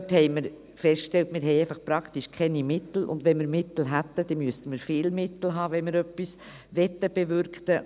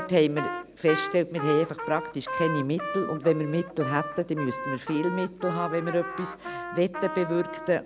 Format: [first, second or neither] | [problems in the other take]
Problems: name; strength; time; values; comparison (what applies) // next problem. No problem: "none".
first | background sound (Trumpet); 8 dB below the speech